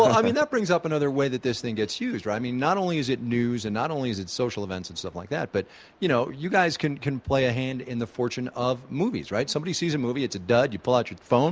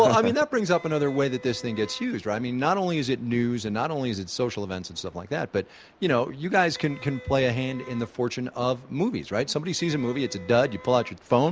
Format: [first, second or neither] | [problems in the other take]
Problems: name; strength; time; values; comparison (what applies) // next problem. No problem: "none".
first | background sound (Wind instrument, woodwind instrument); 20 dB below the speech